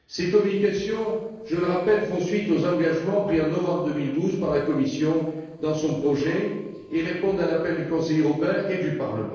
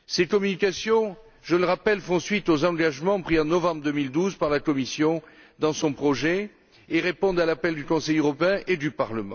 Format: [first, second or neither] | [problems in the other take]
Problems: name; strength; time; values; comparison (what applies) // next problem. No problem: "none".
second | noise reduction (neural separator model SepFormer DNS4)